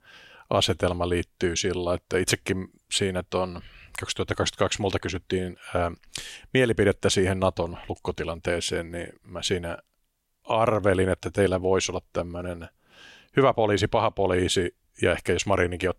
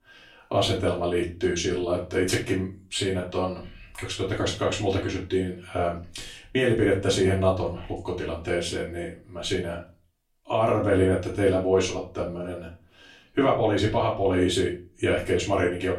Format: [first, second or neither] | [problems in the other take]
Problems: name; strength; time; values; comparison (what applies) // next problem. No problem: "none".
first | off-mic speech; far // room echo; slight; dies away in 0.3 s